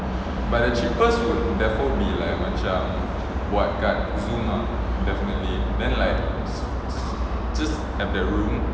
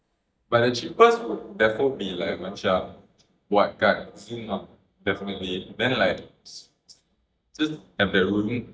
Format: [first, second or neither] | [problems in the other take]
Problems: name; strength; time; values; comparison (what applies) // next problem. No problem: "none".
first | noise reduction (neural mask model DeepFilterNet 3)